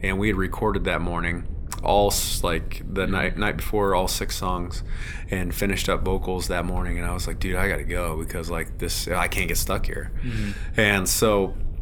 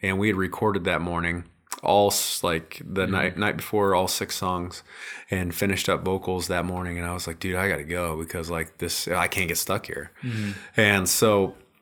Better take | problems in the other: second | low rumble; faint; throughout; 25 dB below the speech

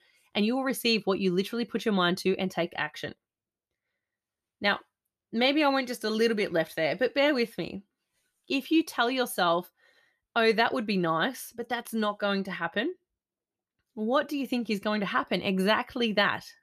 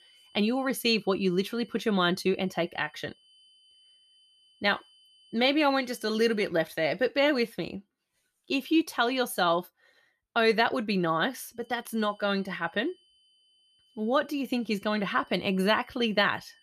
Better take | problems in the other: first | high-pitched whine; faint; until 6.5 s and from 12 s on; 3 kHz, 30 dB below the speech

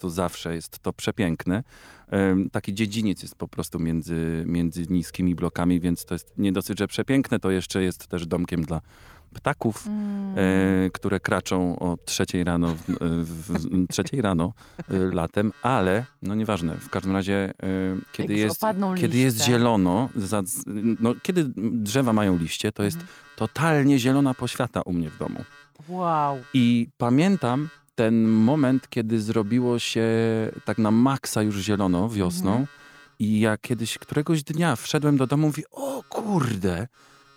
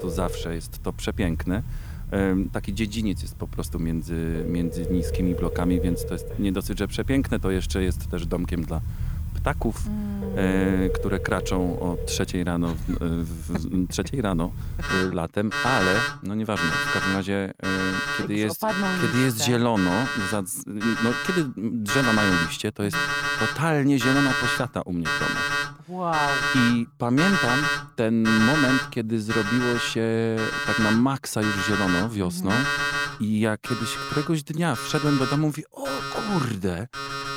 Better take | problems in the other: first | alarms or sirens; loud; throughout; 2 dB below the speech; faint in the first

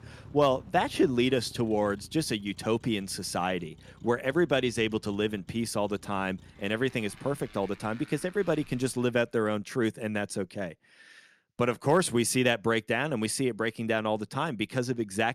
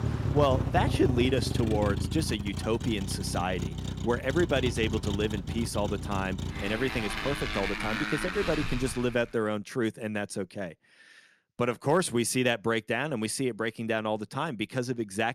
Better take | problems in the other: first | traffic noise; loud; until 9 s; 3 dB below the speech; faint in the first

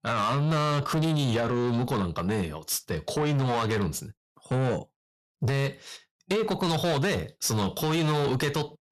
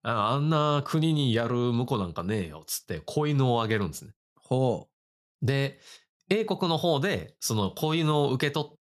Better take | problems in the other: second | distortion; heavy; 7 dB below the speech

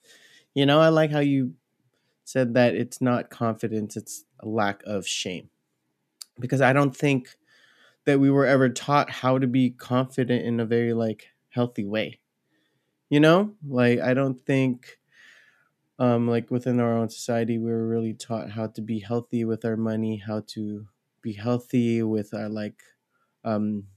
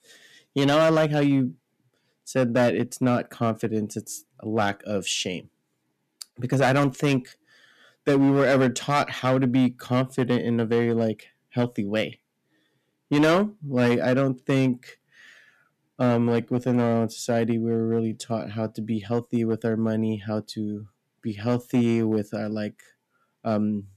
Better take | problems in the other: first | distortion; slight; 4% of the sound clipped

